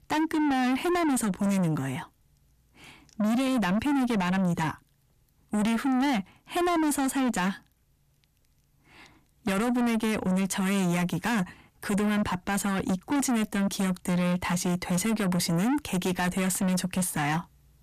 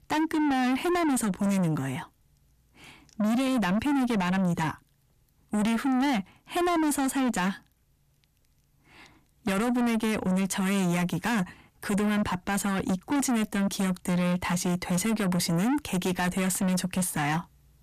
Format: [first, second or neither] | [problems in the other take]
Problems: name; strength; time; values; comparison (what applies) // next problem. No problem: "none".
neither | distortion; heavy; 7 dB below the speech; the same in both